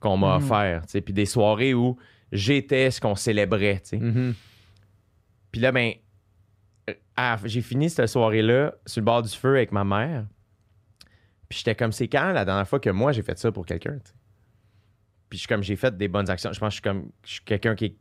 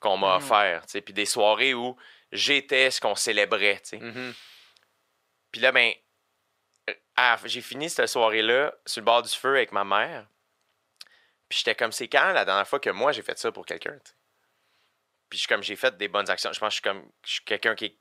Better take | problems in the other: first | thin; very; fading below 650 Hz

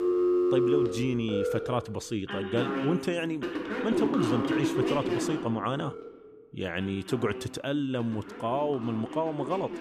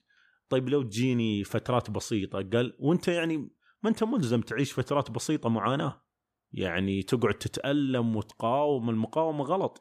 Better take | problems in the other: second | alarms or sirens; very loud; throughout; as loud as the speech

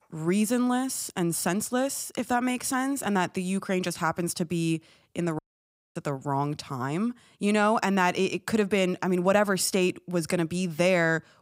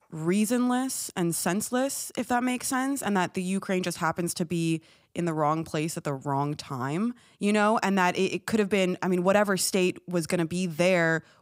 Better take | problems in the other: second | audio cutting out; at 5.5 s for 0.5 s

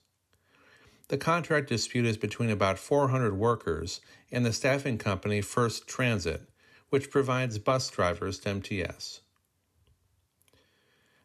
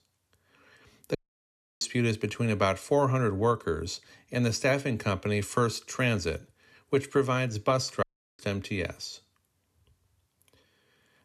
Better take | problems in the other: first | audio cutting out; at 1 s for 0.5 s and at 8 s

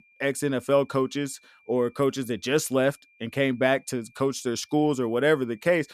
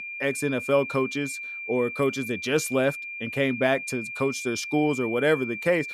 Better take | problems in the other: first | high-pitched whine; loud; throughout; 2.5 kHz, 7 dB below the speech; faint in the first

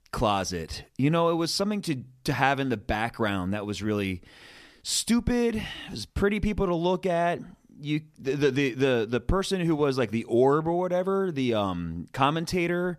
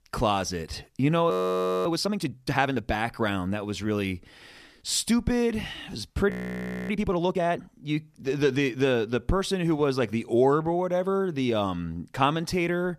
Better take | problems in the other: first | audio freezing; at 1.5 s for 0.5 s and at 6.5 s for 0.5 s

